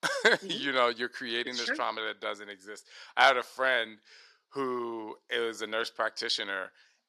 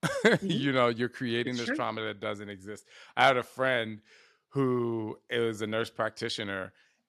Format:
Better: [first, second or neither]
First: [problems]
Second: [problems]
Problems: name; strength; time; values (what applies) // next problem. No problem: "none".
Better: second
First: thin; somewhat; fading below 400 Hz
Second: none